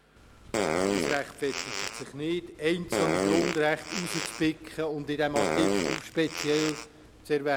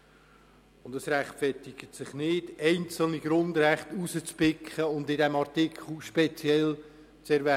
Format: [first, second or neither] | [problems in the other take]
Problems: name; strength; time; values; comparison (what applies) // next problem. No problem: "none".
second | background sound (Fart); 1 dB below the speech